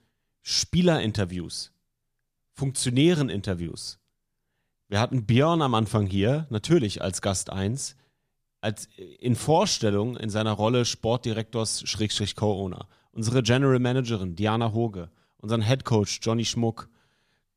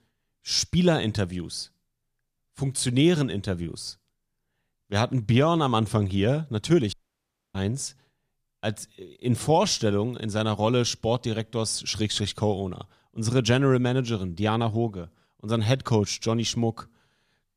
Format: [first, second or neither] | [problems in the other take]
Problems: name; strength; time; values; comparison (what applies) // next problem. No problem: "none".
first | audio cutting out; at 7 s for 0.5 s